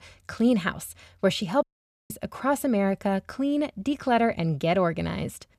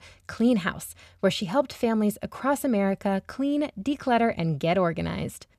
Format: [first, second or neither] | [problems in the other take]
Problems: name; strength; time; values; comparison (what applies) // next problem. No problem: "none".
second | audio cutting out; at 1.5 s